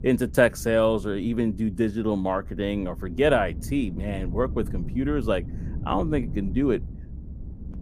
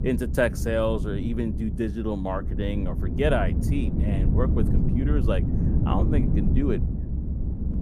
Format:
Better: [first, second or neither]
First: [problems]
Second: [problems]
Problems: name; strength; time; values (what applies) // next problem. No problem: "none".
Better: first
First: low rumble; faint; throughout; 20 dB below the speech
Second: low rumble; loud; throughout; 8 dB below the speech